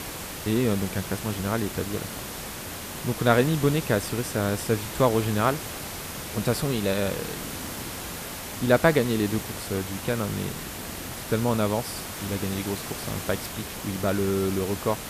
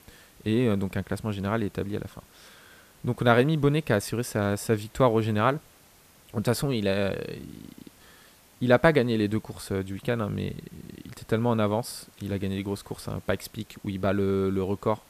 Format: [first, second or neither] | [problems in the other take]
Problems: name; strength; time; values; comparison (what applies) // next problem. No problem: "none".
second | hiss; loud; throughout; 7 dB below the speech; faint in the second